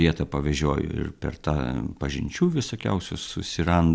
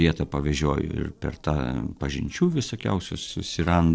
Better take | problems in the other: first | noise reduction (neural separator model SepFormer DNS4)

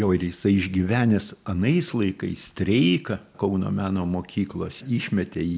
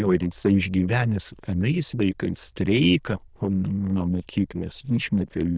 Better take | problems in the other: first | noise reduction (neural diffusion model UNIVERSE++)

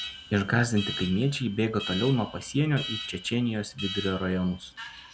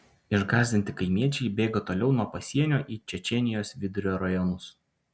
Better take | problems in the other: second | background sound (Alarm); 11 dB below the speech

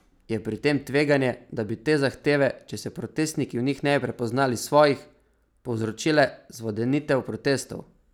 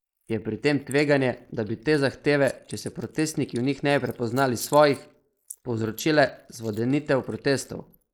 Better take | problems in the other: first | noise reduction (neural mask model Resemble Enhance denoiser)

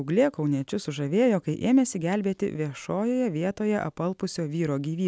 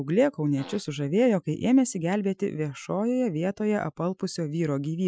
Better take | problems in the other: first | noise reduction (classical method Wiener filter)

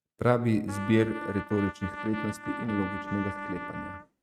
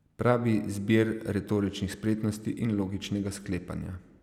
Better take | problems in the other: second | noise reduction (neural mask model RNNoise)

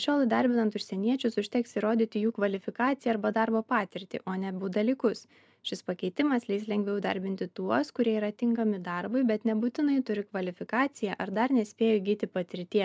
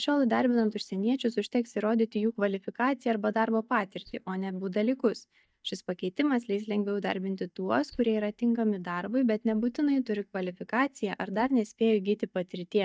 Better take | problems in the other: first | noise reduction (neural mask model DeepFilterNet 3)

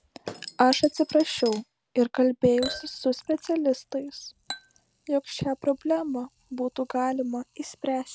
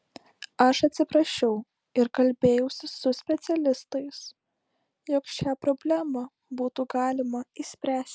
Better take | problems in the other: second | background sound (Chink, clink / Liquid); 16 dB below the speech

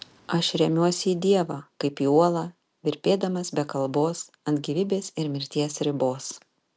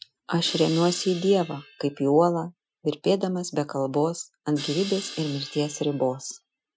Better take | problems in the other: first | noise reduction (classical method Wiener filter)

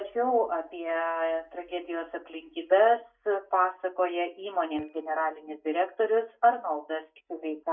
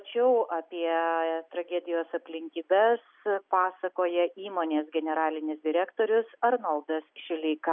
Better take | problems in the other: second | noise reduction (neural mask model DeepFilterNet 3)

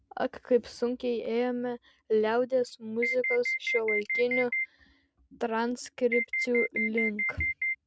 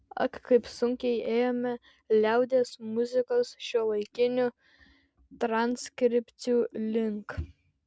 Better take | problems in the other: second | background sound (Alarm); 1 dB below the speech

